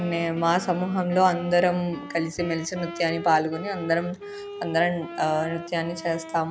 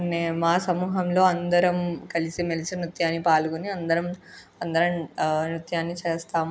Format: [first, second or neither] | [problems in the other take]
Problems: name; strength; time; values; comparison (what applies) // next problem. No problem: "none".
second | background sound (Wind instrument, woodwind instrument); 14 dB below the speech